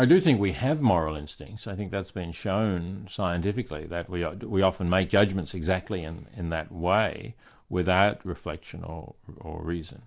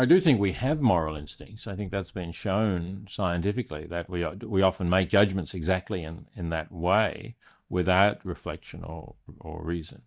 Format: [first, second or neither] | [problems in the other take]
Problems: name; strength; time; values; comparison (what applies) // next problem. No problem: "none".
first | noise reduction (neural mask model DeepFilterNet 3)